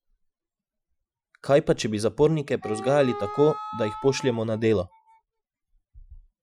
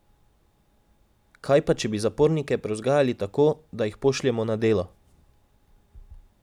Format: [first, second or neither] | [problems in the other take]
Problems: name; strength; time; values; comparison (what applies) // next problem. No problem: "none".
second | noise reduction (classical method Wiener filter)